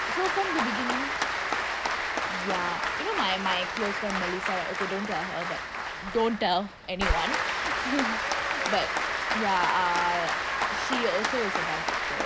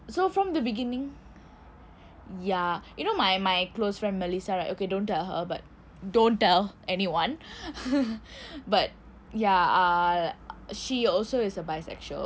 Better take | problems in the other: second | background sound (Applause); 2 dB above the speech

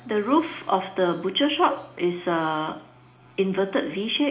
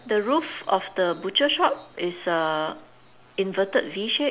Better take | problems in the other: second | room echo; dies away in 0.4 s

